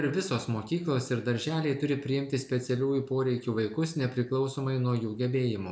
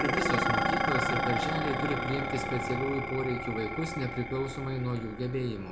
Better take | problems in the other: first | background sound (Dishes, pots, and pans); 1 dB above the speech

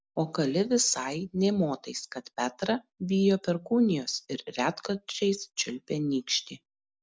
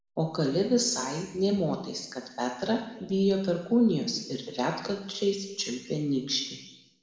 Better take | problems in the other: first | room echo; dies away in 1 s

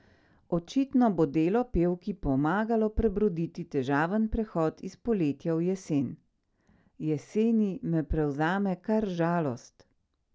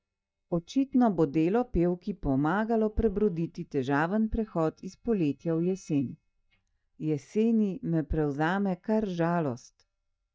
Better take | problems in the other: first | noise reduction (neural mask model DeepFilterNet 3)

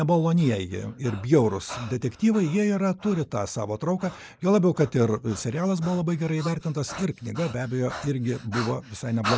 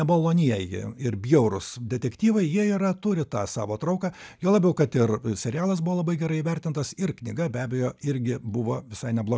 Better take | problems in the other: second | noise reduction (neural mask model Resemble Enhance denoiser)

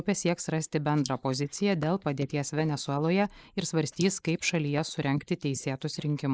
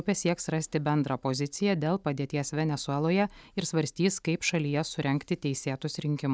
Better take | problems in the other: second | noise reduction (neural mask model Resemble Enhance denoiser)

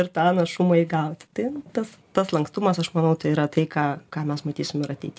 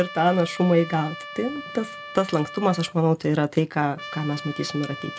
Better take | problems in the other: first | background sound (Trumpet); 14 dB below the speech

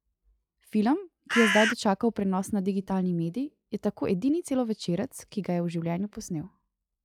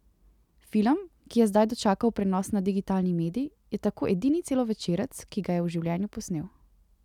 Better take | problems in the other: second | noise reduction (classical method log-MMSE)

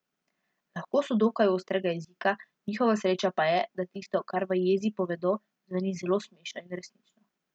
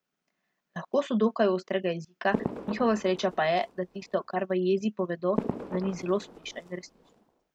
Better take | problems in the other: first | background sound (Fireworks); 8 dB below the speech

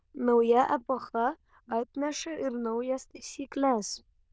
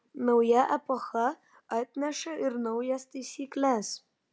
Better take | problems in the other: second | noise reduction (neural diffusion model UNIVERSE++)

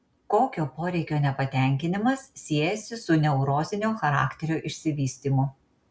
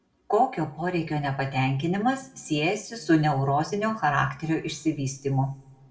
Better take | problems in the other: first | room echo; dies away in 0.8 s

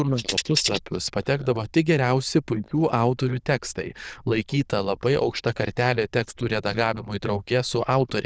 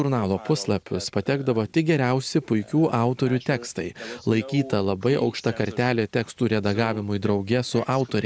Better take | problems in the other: second | noise reduction (neural diffusion model UNIVERSE++)

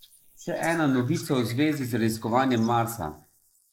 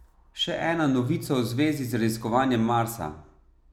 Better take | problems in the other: second | noise reduction (neural mask model Resemble Enhance denoiser)

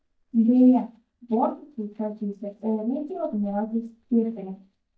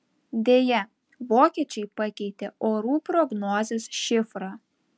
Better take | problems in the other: second | noise reduction (neural mask model DeepFilterNet 3)

